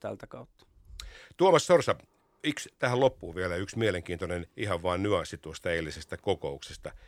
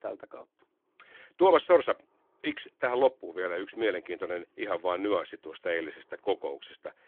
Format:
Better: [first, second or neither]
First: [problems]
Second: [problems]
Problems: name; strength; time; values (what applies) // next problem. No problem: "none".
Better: first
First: none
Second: phone-call audio; nothing above 3.5 kHz